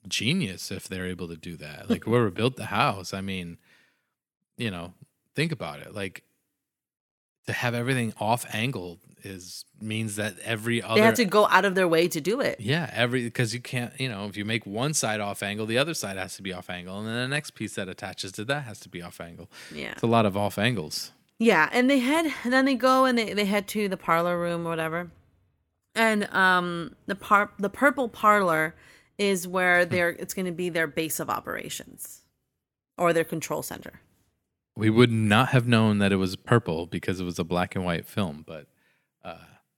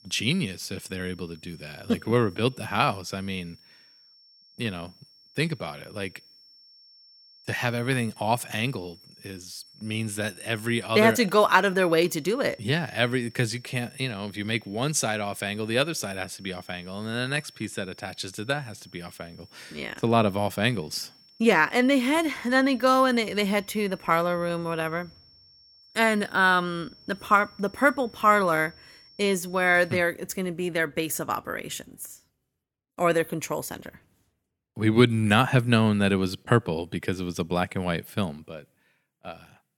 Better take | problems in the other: first | high-pitched whine; faint; until 30 s; 5.5 kHz, 25 dB below the speech

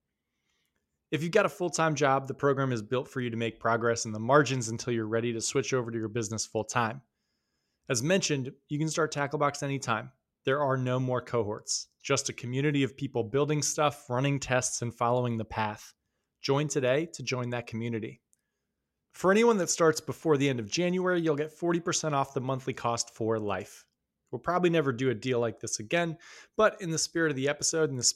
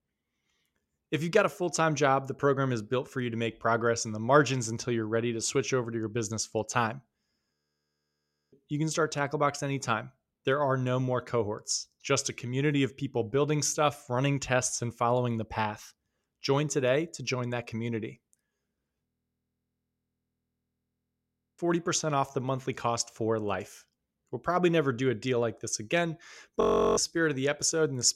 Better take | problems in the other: first | audio freezing; at 7.5 s for 1 s, at 19 s for 2.5 s and at 27 s

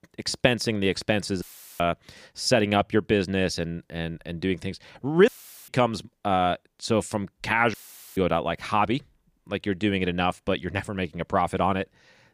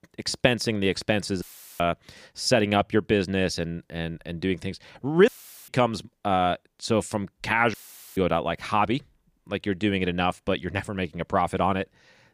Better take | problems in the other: neither | audio cutting out; filled with static; at 1.5 s, at 5.5 s and at 7.5 s; the same in both

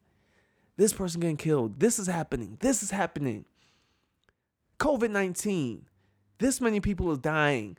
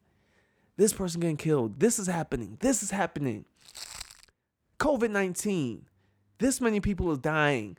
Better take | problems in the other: first | footsteps; faint; at 3.5 s; peak 10 dB below the speech

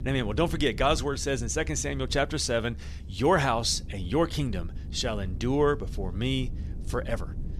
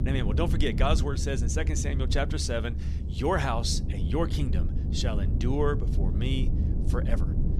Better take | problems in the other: first | low rumble; loud; throughout; 10 dB below the speech; faint in the first

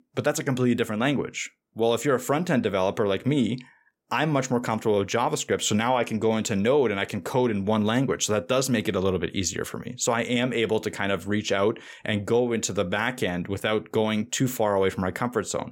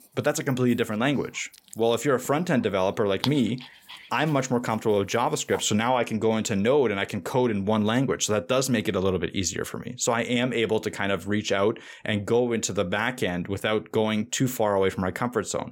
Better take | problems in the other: first | dog barking; noticeable; from 1.5 to 5.5 s; peak 8 dB below the speech

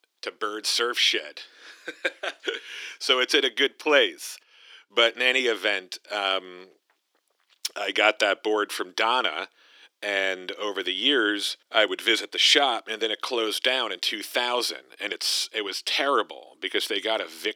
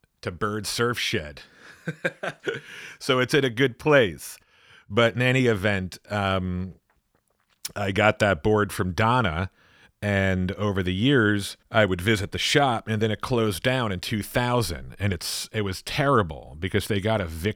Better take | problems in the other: second | thin; somewhat; fading below 300 Hz

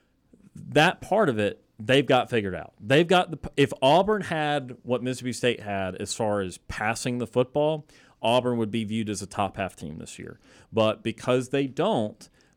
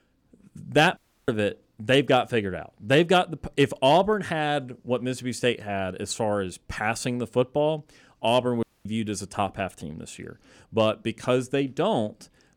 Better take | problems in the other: first | audio cutting out; at 1 s and at 8.5 s

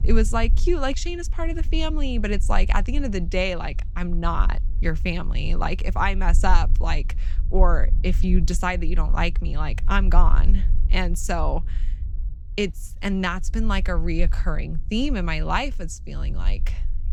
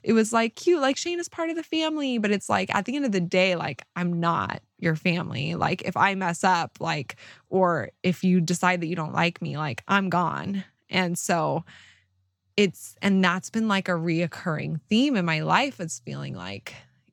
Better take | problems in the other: second | low rumble; faint; throughout; 20 dB below the speech

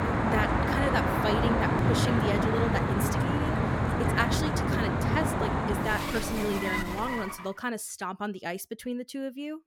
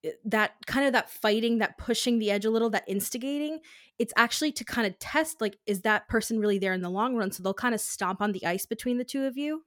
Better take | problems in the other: second | traffic noise; very loud; until 7 s; 5 dB above the speech

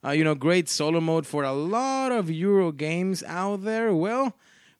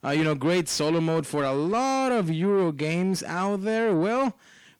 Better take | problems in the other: first | distortion; slight; 10 dB below the speech

